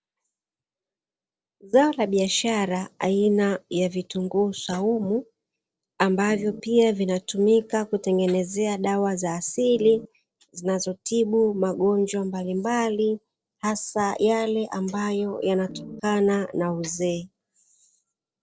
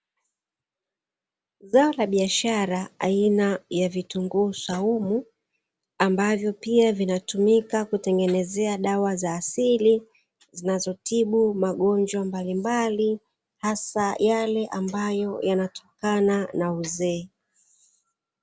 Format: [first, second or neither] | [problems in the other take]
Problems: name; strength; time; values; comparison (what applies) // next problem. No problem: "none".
second | noise reduction (neural separator model SepFormer DNS4)